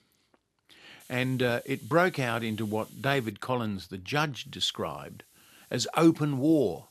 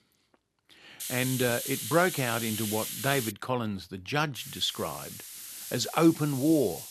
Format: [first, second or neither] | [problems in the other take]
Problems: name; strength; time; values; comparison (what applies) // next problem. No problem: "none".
first | hiss; loud; from 1 to 3.5 s and from 4.5 s on; 7 dB below the speech; faint in the first